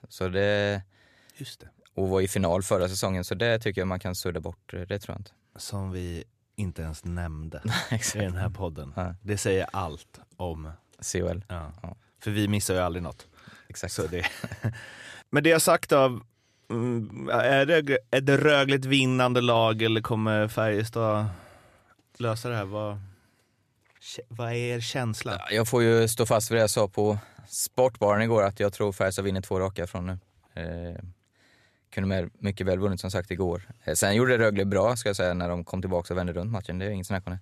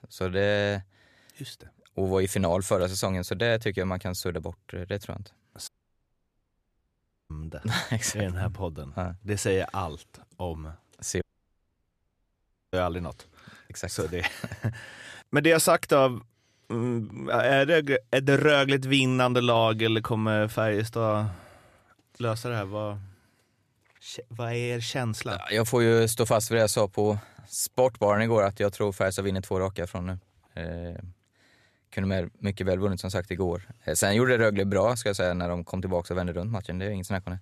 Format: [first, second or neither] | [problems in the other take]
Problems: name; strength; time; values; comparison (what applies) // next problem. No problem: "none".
first | audio cutting out; at 5.5 s for 1.5 s and at 11 s for 1.5 s